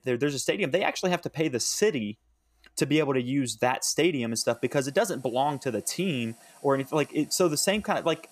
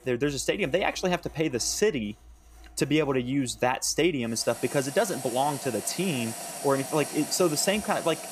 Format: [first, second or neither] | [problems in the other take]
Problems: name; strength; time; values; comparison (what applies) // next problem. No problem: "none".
first | household noises; loud; throughout; 9 dB below the speech; faint in the first